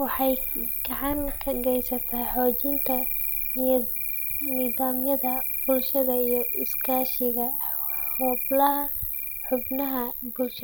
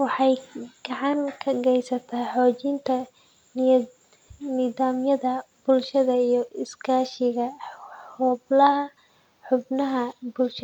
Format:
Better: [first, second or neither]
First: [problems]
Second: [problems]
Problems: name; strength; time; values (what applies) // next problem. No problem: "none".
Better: second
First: background sound (Cricket); as loud as the speech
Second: none